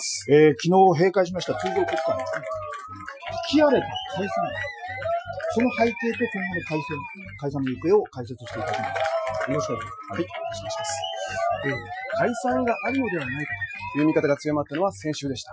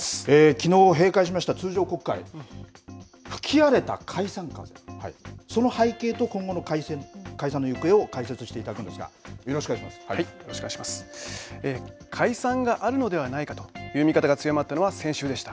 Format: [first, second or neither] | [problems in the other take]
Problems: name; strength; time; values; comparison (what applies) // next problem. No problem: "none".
second | noise reduction (classical method Wiener filter)